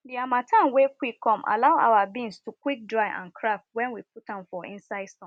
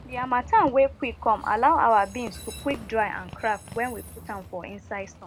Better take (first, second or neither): first